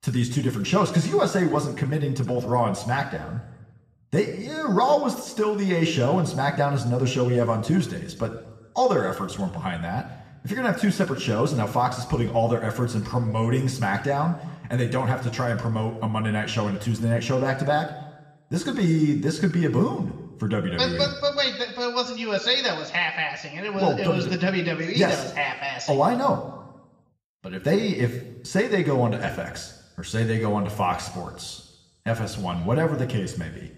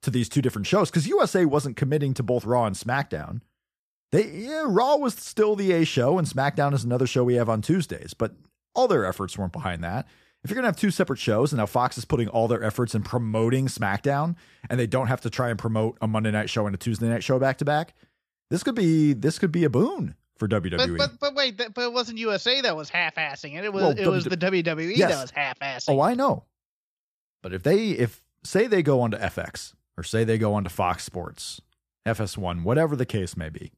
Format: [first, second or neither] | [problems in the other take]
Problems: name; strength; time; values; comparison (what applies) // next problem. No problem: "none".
second | room echo; slight; dies away in 1 s